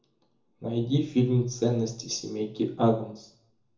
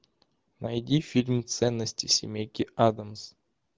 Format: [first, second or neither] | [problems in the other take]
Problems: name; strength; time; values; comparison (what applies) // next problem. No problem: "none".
second | room echo; dies away in 0.6 s